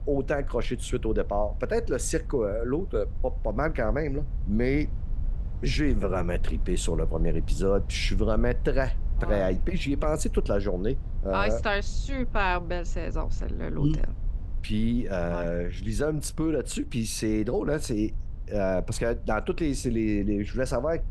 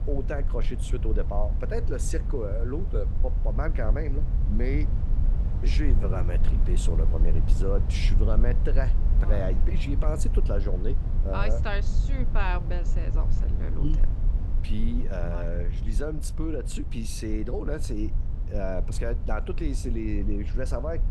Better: first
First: low rumble; faint; throughout; 25 dB below the speech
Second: low rumble; loud; throughout; 10 dB below the speech

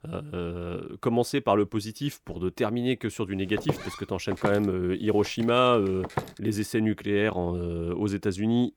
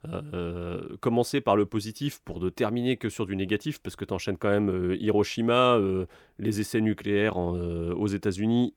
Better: second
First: footsteps; noticeable; from 3.5 to 6 s; peak 5 dB below the speech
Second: none

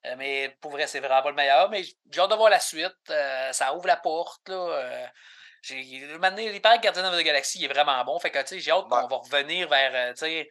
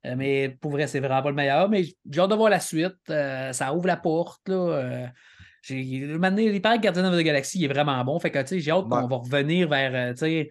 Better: second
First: thin; very; fading below 800 Hz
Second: none

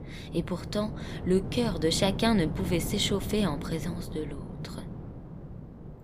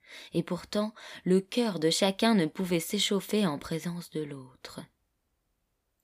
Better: second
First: wind noise on the microphone; occasional gusts; 15 dB below the speech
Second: none

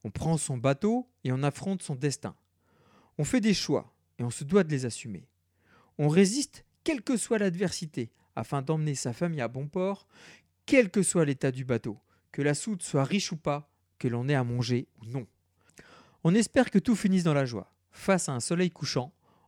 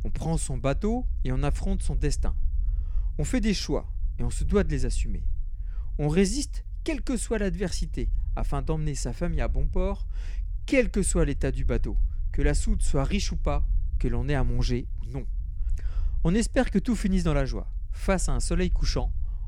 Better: first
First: none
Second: low rumble; faint; throughout; 25 dB below the speech

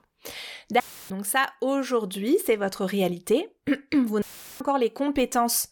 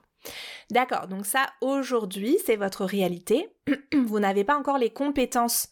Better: second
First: audio cutting out; filled with static; at 1 s and at 4 s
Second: none

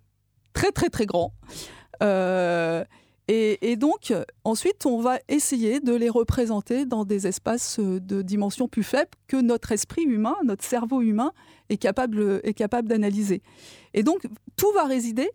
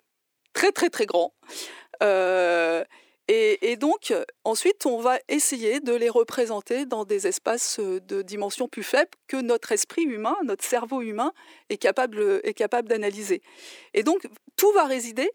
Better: first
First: none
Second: thin; somewhat; fading below 350 Hz

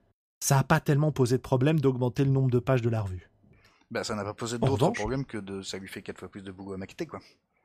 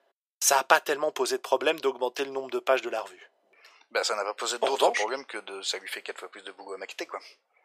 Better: first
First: none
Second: thin; very; fading below 450 Hz

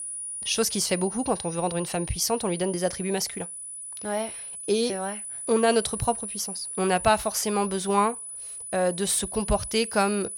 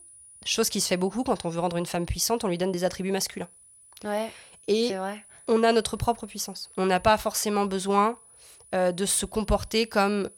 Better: second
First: high-pitched whine; loud; throughout; 10 kHz, 7 dB below the speech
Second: high-pitched whine; faint; throughout; 10 kHz, 25 dB below the speech

